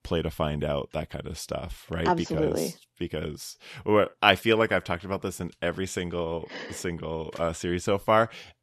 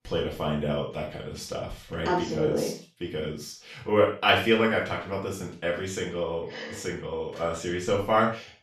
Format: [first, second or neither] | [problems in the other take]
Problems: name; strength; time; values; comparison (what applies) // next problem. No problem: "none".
first | room echo; noticeable; dies away in 0.4 s // off-mic speech; far